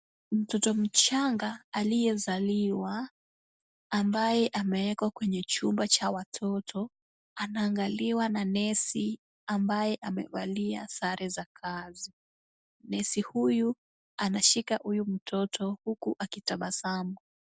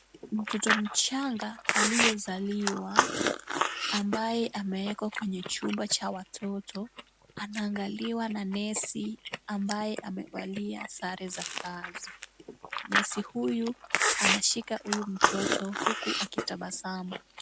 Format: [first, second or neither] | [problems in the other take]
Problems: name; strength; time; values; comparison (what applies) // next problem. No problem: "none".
first | background sound (Chewing, mastication); as loud as the speech